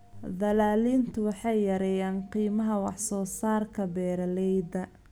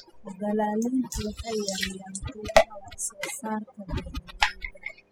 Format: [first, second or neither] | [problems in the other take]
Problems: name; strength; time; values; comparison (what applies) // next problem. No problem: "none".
first | noise reduction (classical method spectral subtraction)